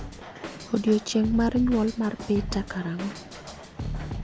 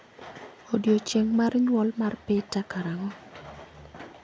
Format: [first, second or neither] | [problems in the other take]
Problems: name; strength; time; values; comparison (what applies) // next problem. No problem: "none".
second | background sound (Drum kit); 9 dB below the speech